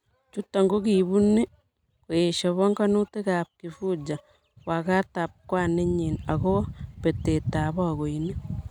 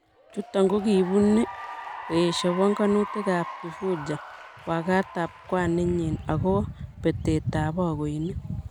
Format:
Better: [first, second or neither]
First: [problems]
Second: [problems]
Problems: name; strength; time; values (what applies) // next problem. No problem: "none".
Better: first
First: none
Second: background sound (Applause / Cheering); 14 dB below the speech